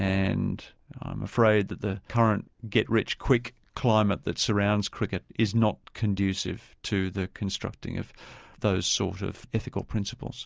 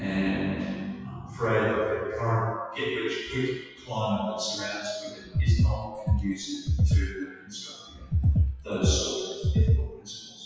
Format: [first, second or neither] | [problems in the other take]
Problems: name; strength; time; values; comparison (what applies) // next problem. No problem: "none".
first | noise reduction (classical method WPE with log-MMSE)